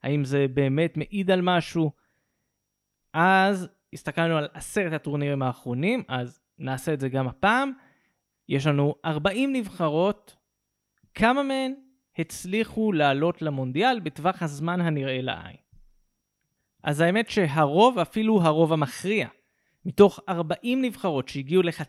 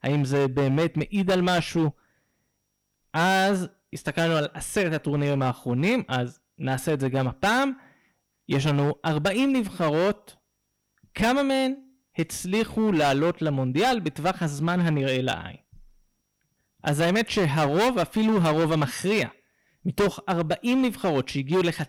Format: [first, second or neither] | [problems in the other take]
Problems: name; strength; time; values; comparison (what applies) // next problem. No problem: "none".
first | distortion; heavy; 12% of the sound clipped